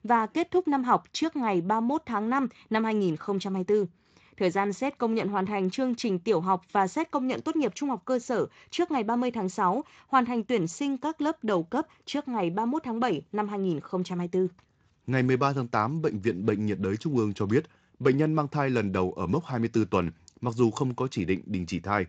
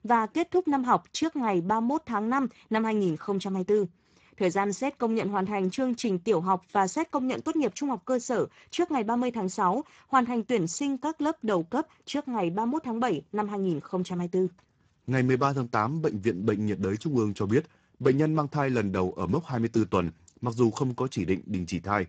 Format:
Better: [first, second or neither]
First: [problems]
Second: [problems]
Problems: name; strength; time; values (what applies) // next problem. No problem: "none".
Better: first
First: garbled, watery; slightly; nothing above 7.5 kHz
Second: garbled, watery; badly; nothing above 7.5 kHz